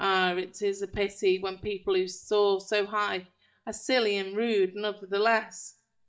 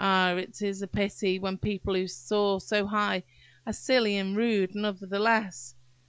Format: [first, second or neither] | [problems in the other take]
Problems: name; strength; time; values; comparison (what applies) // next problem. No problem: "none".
second | noise reduction (neural mask model DeepFilterNet 3)